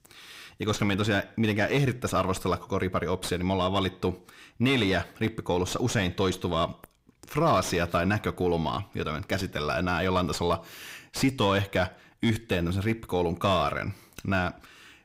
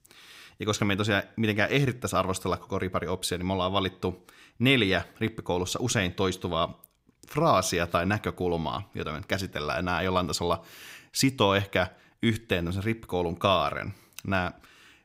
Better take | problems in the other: second | distortion; slight; 9 dB below the speech

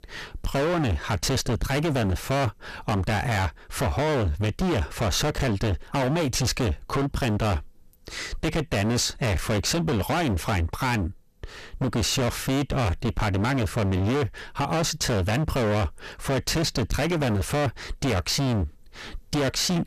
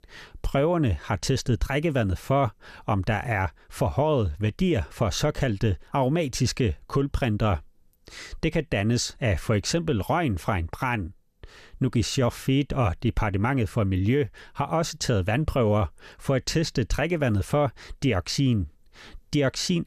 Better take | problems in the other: second | distortion; heavy; 34% of the sound clipped

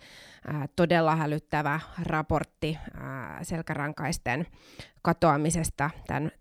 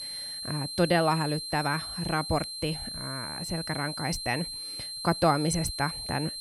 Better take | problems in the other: first | high-pitched whine; loud; throughout; 4 kHz, 5 dB below the speech

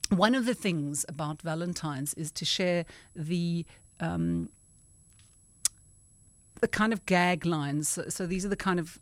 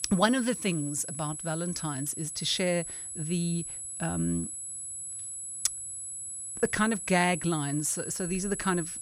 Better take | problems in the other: first | high-pitched whine; loud; throughout; 10.5 kHz, 6 dB below the speech; faint in the first

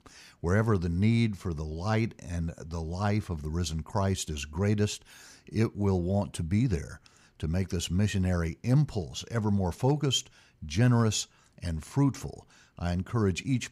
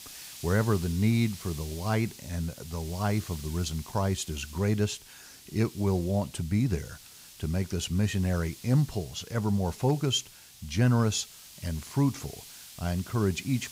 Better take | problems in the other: first | hiss; noticeable; throughout; 15 dB below the speech

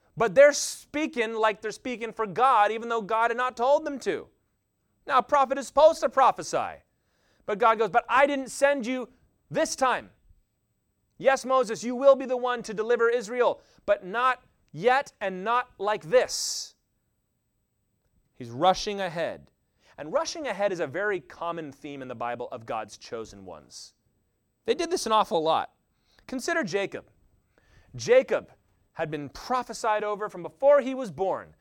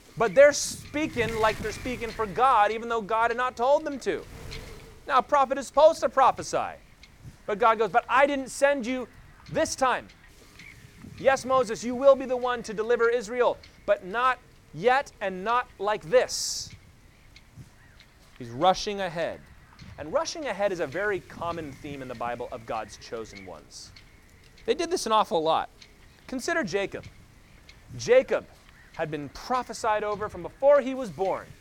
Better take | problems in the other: first | wind noise on the microphone; occasional gusts; 25 dB below the speech

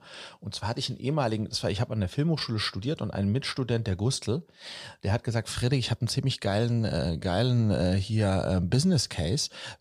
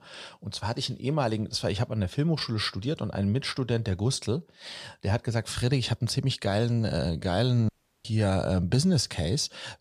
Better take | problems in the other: first | audio cutting out; at 7.5 s

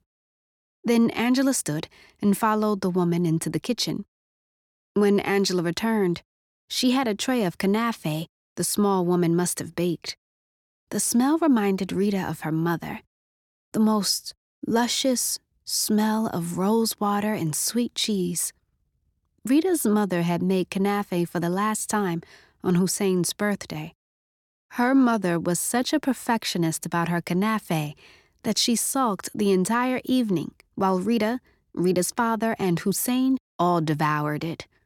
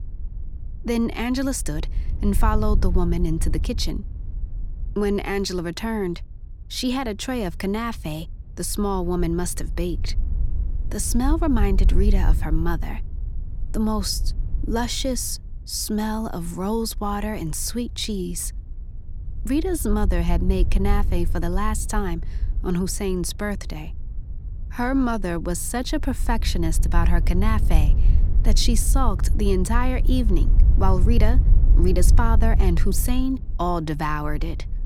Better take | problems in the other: first | wind noise on the microphone; occasional gusts; 15 dB below the speech

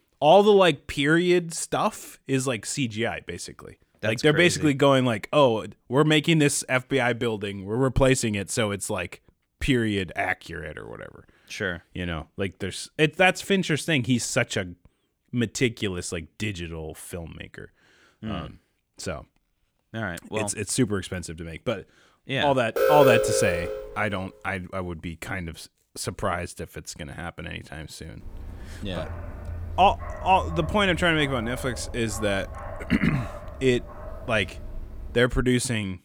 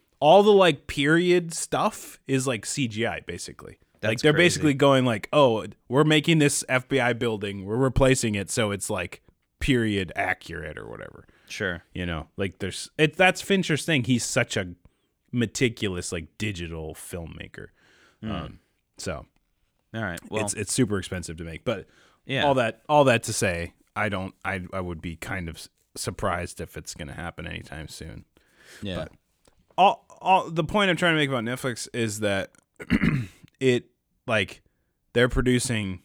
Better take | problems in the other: second | alarm; loud; from 23 to 24 s; peak 5 dB above the speech // dog barking; noticeable; from 28 to 35 s; peak 10 dB below the speech

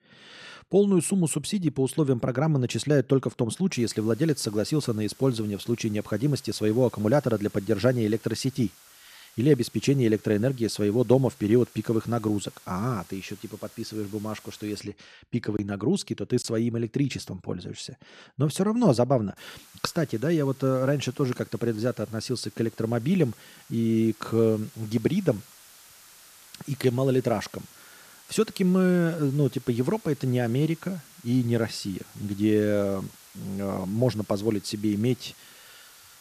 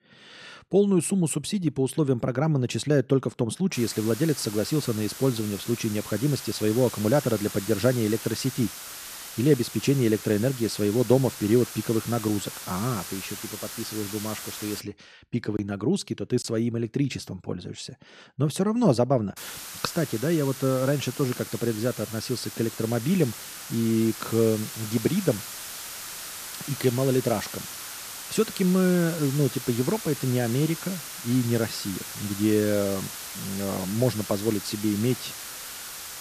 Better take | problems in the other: first | hiss; loud; from 3.5 to 15 s and from 19 s on; 10 dB below the speech; faint in the first

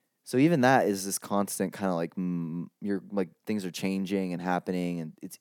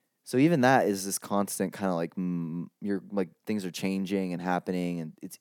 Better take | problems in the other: neither | none

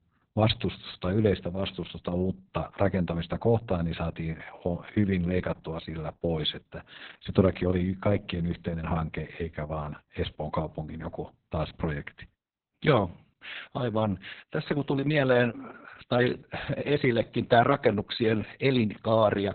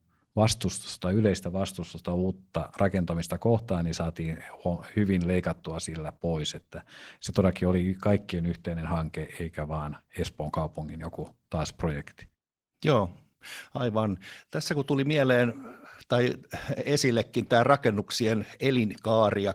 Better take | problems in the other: second | garbled, watery; badly; nothing above 4 kHz; slightly in the second

